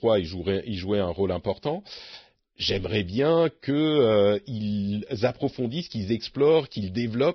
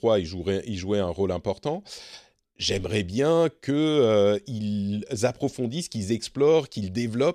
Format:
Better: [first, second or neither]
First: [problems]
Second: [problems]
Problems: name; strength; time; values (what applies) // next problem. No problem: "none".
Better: second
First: garbled, watery; badly; nothing above 5.5 kHz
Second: none